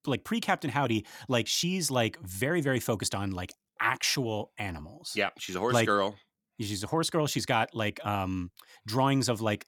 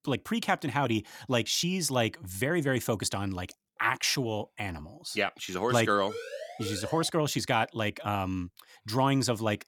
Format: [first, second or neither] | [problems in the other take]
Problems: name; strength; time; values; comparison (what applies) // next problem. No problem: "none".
first | siren; noticeable; from 6 to 7 s; peak 10 dB below the speech